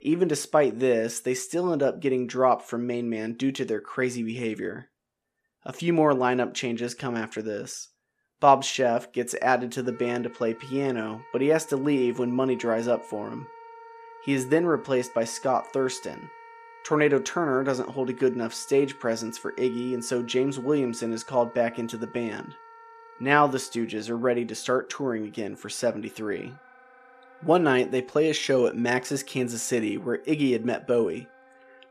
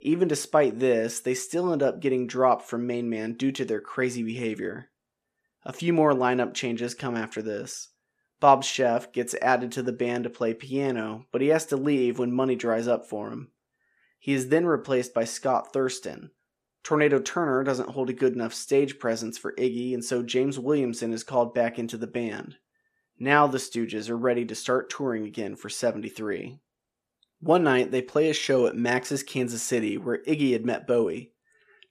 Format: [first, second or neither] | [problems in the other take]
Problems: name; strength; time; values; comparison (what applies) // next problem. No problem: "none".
second | background music; faint; throughout; 20 dB below the speech